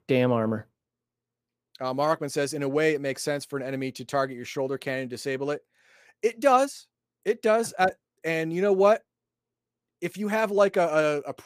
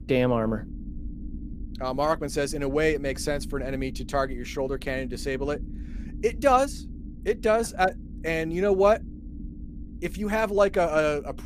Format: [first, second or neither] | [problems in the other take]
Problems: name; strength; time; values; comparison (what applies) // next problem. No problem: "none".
first | low rumble; faint; throughout; 25 dB below the speech